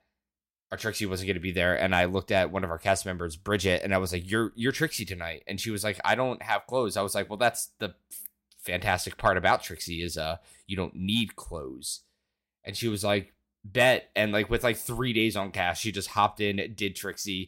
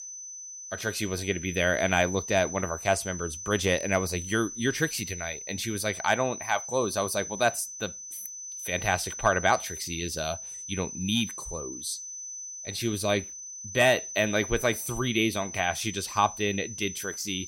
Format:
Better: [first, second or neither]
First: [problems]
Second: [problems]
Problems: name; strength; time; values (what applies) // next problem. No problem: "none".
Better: first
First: none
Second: high-pitched whine; loud; throughout; 6 kHz, 9 dB below the speech